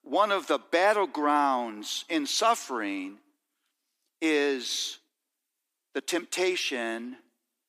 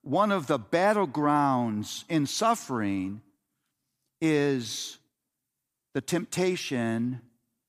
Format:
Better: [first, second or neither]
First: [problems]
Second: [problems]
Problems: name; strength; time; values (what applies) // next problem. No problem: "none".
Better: second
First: thin; somewhat; fading below 300 Hz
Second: none